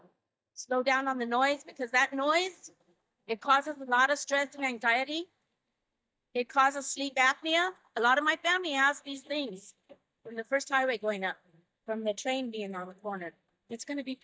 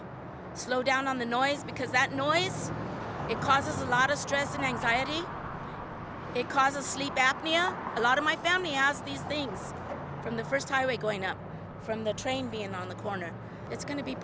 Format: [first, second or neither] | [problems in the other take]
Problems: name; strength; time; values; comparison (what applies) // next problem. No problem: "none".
second | noise reduction (neural mask model DeepFilterNet 3)